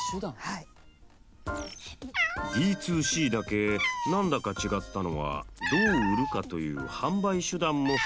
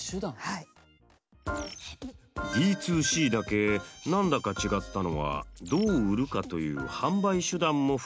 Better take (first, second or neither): second